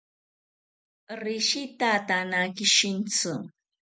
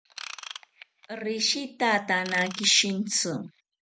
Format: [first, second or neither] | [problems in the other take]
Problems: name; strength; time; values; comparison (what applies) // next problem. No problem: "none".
first | background sound (Ratchet, pawl / Tools); 16 dB below the speech